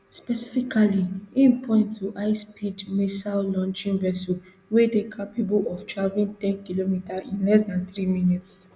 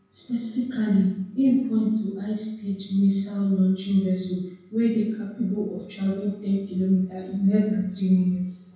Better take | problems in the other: first | room echo; dies away in 0.6 s

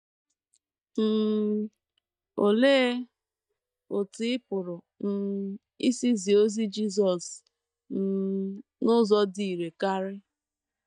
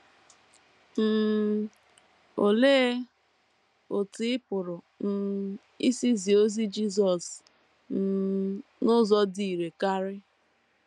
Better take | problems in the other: second | noise reduction (neural mask model DeepFilterNet 3)

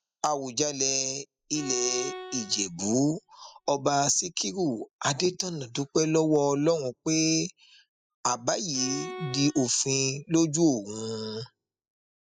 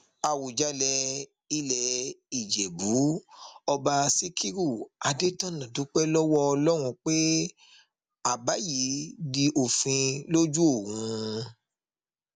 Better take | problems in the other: second | noise reduction (classical method spectral subtraction)

